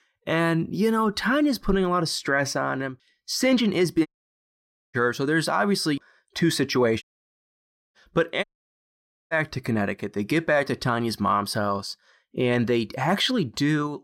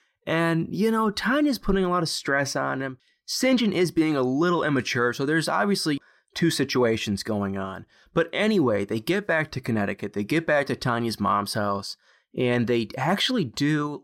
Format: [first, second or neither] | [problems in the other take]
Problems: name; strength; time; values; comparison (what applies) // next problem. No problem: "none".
second | audio cutting out; at 4 s for 1 s, at 7 s for 1 s and at 8.5 s for 1 s